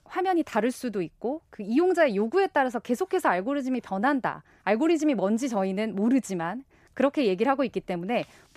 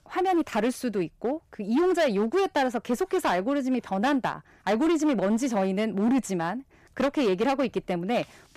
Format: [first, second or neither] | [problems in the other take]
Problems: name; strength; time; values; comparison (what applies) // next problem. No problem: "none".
first | distortion; slight; 11% of the sound clipped